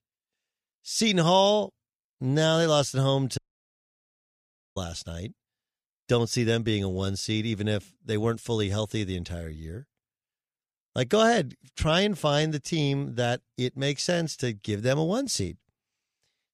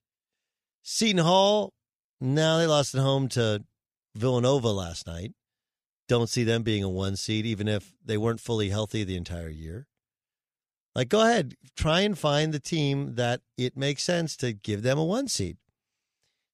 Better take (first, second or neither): second